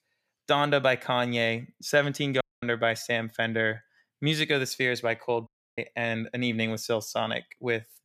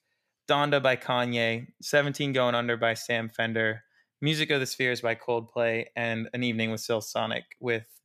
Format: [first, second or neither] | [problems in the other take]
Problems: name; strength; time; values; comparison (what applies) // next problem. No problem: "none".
second | audio cutting out; at 2.5 s and at 5.5 s